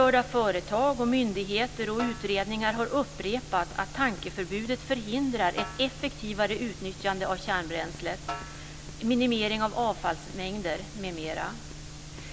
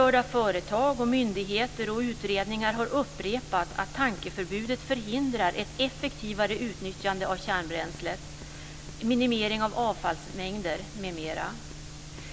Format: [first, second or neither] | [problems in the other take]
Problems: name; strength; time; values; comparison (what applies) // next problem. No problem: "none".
second | background sound (Snare drum); 15 dB below the speech